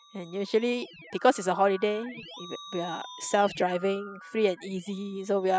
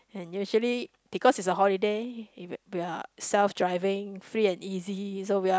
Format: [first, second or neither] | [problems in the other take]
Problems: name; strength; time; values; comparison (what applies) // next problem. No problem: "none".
second | noise reduction (classical method spectral subtraction)